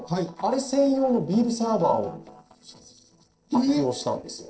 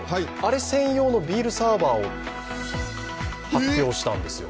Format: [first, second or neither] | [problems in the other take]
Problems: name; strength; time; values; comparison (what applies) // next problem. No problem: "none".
second | noise reduction (neural separator model SepFormer DNS4)